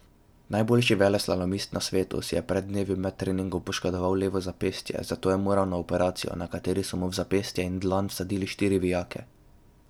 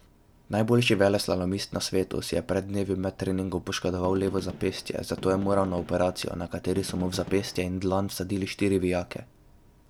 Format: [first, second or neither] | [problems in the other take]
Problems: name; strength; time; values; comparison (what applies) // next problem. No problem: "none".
first | background sound (Gunshot, gunfire); 15 dB below the speech